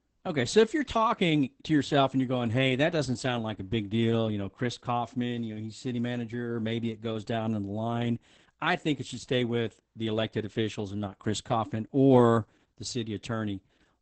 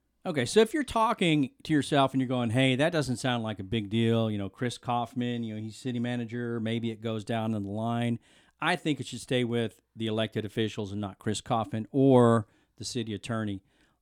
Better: second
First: garbled, watery; badly; nothing above 8 kHz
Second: none

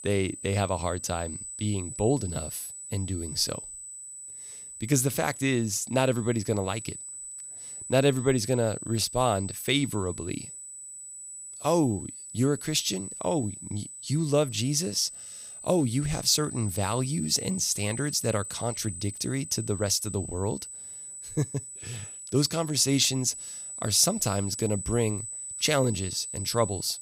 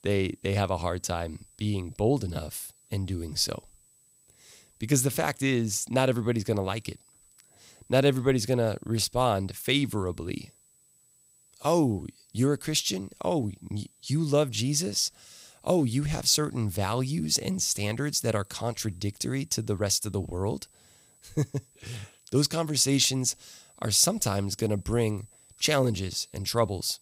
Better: second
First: high-pitched whine; loud; throughout; 8 kHz, 10 dB below the speech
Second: high-pitched whine; faint; throughout; 8 kHz, 30 dB below the speech

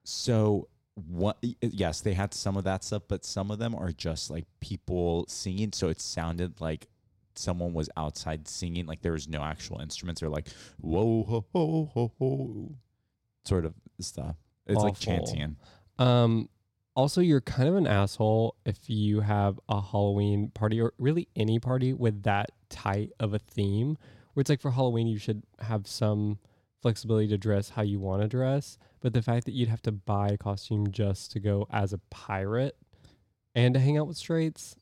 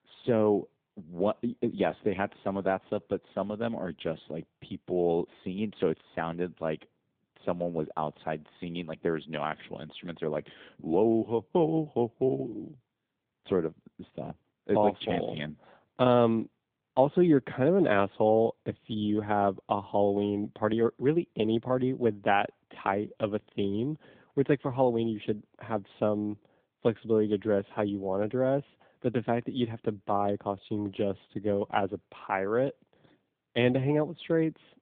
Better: first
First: none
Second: phone-call audio

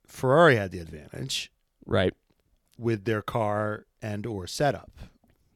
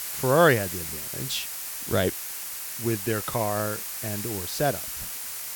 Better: first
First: none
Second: hiss; loud; throughout; 5 dB below the speech

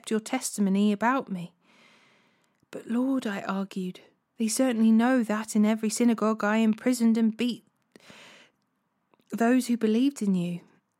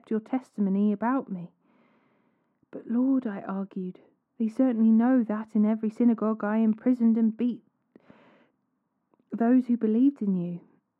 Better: first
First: none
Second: muffled; very; fading above 3 kHz

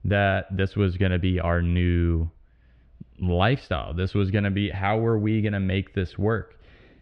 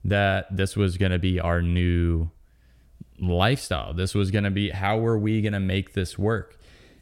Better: second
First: muffled; slightly; fading above 3 kHz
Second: none

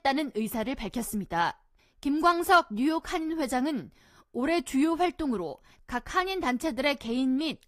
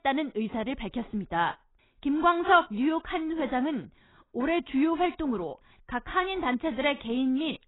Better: first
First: garbled, watery; slightly; nothing above 15 kHz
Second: garbled, watery; badly; nothing above 4 kHz

